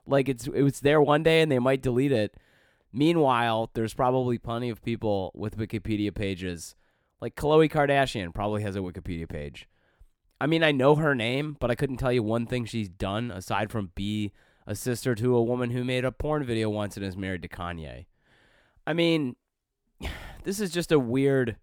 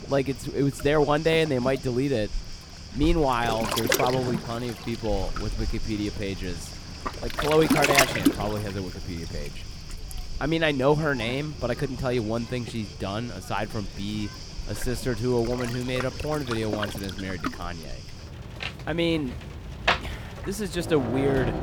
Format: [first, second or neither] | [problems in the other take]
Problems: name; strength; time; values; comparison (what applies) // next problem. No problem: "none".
first | rain or running water; loud; throughout; 5 dB below the speech